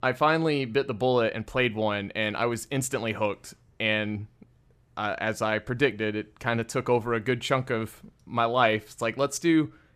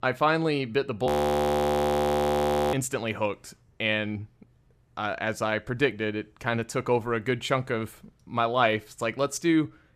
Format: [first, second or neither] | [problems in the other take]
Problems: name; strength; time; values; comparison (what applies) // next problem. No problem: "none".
first | audio freezing; at 1 s for 1.5 s